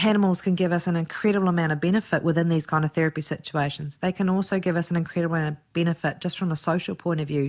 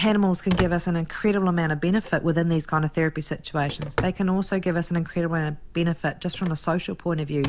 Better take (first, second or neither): first